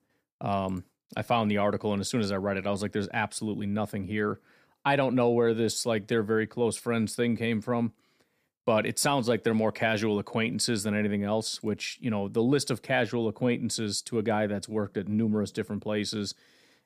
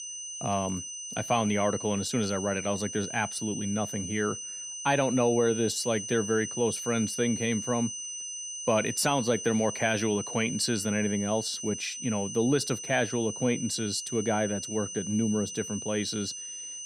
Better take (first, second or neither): first